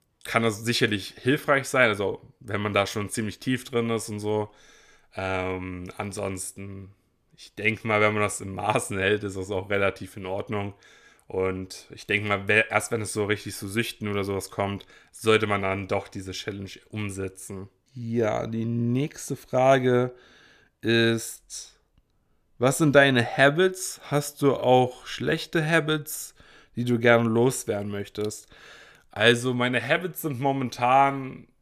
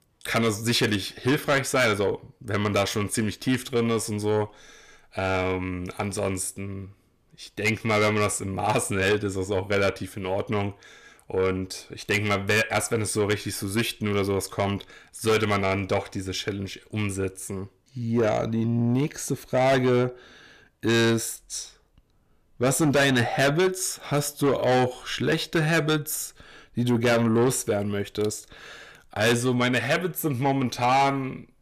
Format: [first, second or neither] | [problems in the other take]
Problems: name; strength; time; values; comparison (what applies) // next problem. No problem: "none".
first | distortion; heavy; 7 dB below the speech